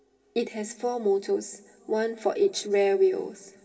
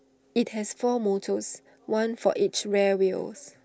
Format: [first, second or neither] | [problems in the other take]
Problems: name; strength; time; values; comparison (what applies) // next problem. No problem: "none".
second | room echo; dies away in 1.9 s